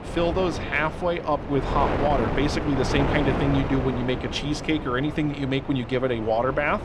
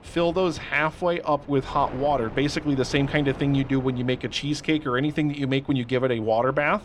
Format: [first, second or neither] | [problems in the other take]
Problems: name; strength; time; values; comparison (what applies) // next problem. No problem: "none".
second | wind noise on the microphone; heavy; 5 dB below the speech; occasional gusts in the second